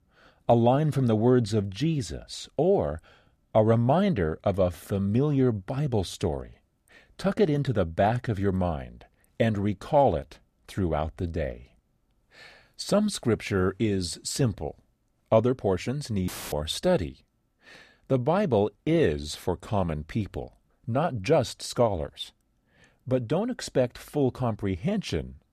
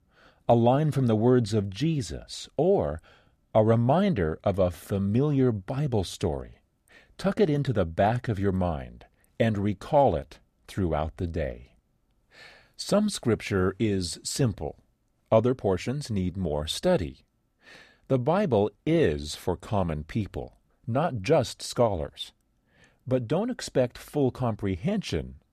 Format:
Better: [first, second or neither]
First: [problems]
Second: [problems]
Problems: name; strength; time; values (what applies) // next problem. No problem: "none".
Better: second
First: audio cutting out; filled with static; at 16 s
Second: none